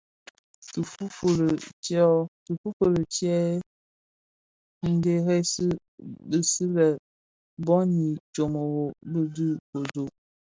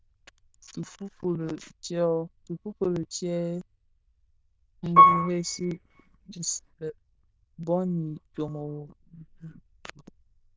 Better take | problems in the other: first | noise reduction (neural diffusion model UNIVERSE++)

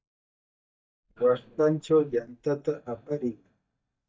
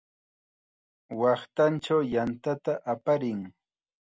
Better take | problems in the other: second | noise reduction (neural mask model DeepFilterNet 3)

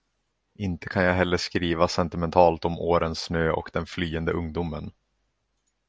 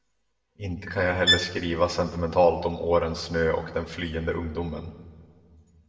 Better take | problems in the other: first | background sound (Bowed string instrument); as loud as the speech // room echo; dies away in 1.8 s

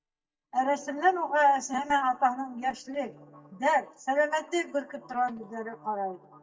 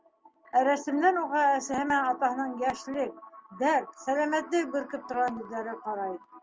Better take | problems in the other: second | noise reduction (neural mask model DeepFilterNet 3)

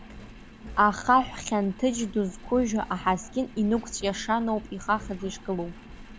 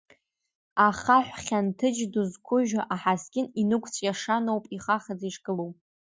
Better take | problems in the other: second | background sound (Engine); 15 dB below the speech

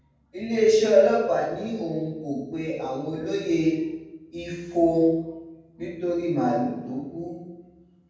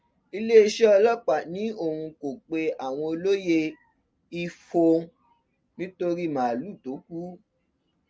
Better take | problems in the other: second | room echo; dies away in 1.2 s

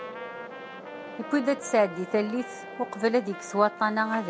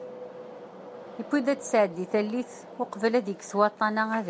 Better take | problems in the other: second | background sound (Trumpet); 15 dB below the speech

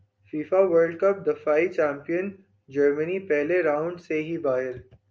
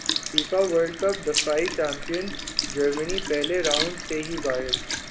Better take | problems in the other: first | background sound (Sink (filling or washing) / Liquid); 3 dB below the speech

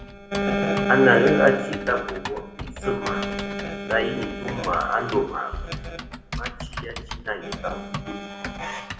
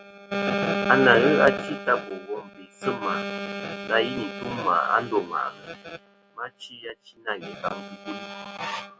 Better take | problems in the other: second | background sound (Typing); 11 dB below the speech // room echo; dies away in 0.8 s

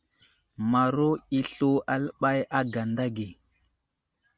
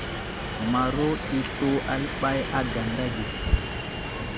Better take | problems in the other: first | background sound (Subway, metro, underground); 1 dB below the speech

